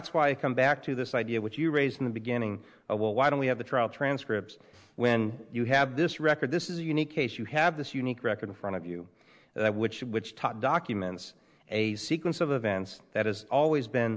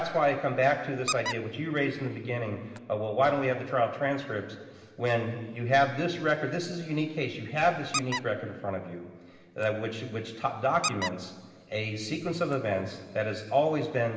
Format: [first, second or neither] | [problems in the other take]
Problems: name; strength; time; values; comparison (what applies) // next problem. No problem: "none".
first | background sound (Squeak); 9 dB below the speech // room echo; dies away in 2 s